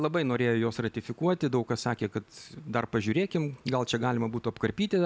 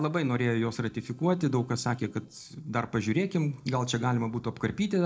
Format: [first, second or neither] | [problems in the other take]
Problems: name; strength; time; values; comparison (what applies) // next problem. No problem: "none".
first | noise reduction (neural separator model SepFormer DNS4)